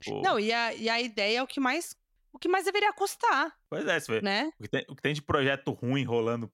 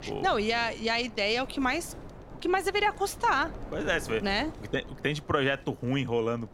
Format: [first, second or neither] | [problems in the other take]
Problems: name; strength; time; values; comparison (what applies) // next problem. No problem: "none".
first | wind noise on the microphone; occasional gusts; 20 dB below the speech